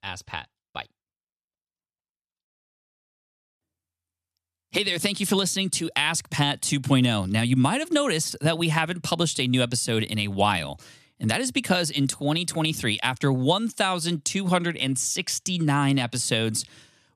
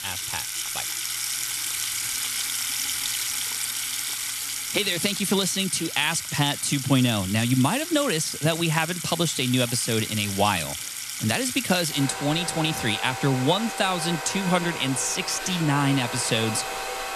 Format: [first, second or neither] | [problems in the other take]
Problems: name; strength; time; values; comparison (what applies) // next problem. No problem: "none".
first | household noises; loud; throughout; 4 dB below the speech